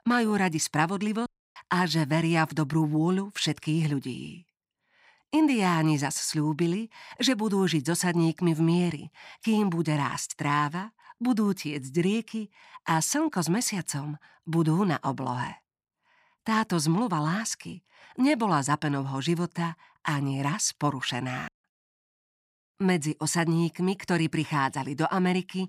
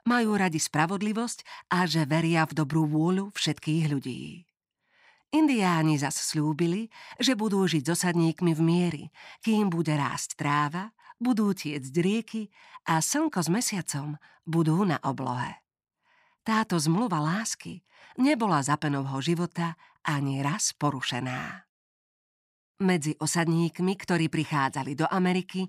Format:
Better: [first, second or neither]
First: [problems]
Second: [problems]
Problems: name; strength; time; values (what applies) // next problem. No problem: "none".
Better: second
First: audio cutting out; at 1.5 s and at 21 s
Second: none